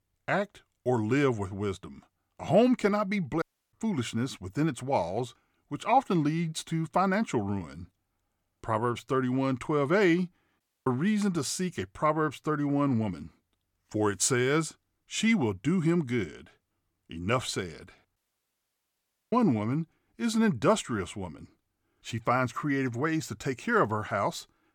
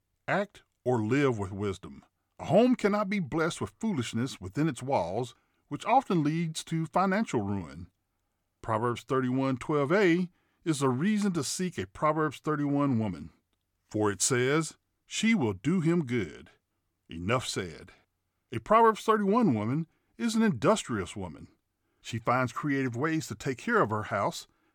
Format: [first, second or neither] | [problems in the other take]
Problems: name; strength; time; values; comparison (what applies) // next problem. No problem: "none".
second | audio cutting out; at 3.5 s, at 11 s and at 18 s for 1 s